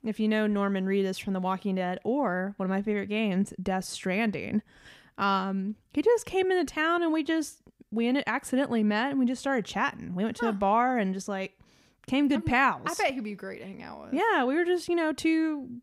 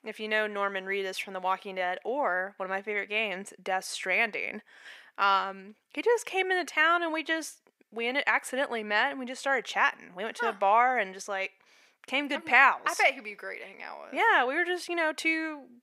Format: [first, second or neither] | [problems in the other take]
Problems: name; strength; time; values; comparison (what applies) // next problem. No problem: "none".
first | thin; very; fading below 600 Hz